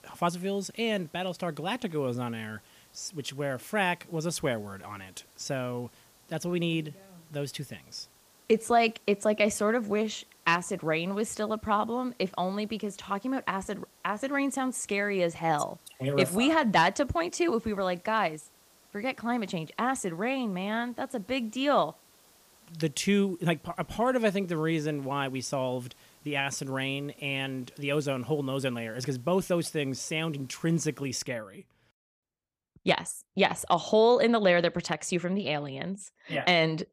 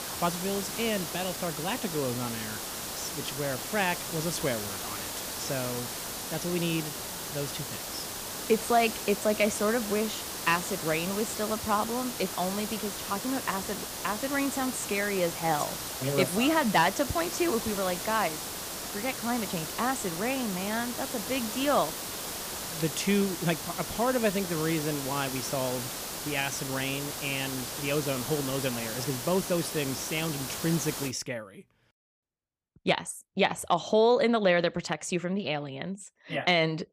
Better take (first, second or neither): first